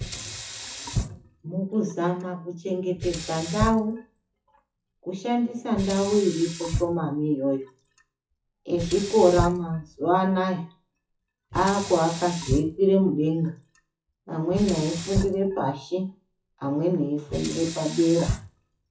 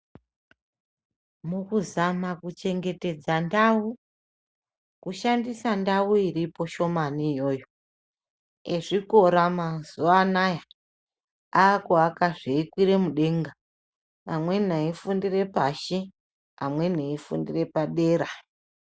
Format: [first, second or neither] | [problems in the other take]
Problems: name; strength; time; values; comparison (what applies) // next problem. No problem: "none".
second | noise reduction (classical method WPE with log-MMSE)